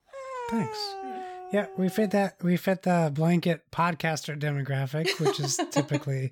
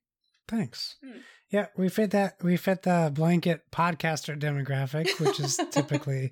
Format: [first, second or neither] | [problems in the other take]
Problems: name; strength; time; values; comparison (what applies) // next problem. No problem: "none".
second | dog barking; noticeable; until 2 s; peak 7 dB below the speech